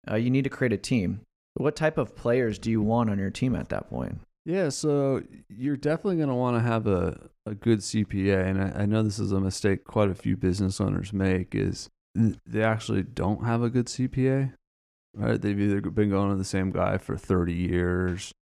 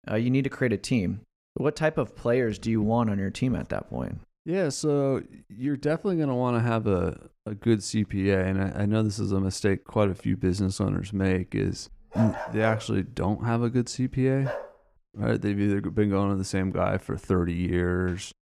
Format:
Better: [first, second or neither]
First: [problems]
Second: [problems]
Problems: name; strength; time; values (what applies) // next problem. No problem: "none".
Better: first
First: none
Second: dog barking; noticeable; from 12 to 15 s; peak 7 dB below the speech